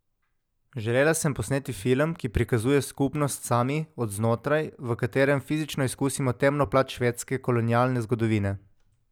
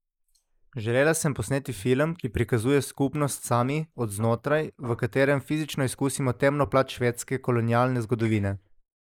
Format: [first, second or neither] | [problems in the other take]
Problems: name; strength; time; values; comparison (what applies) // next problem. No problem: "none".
first | noise reduction (neural mask model Resemble Enhance denoiser)